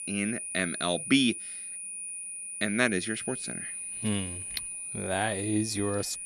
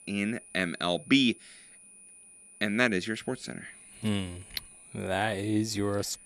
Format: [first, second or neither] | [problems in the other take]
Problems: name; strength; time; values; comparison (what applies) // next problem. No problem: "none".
second | high-pitched whine; loud; throughout; 9.5 kHz, 5 dB below the speech; faint in the second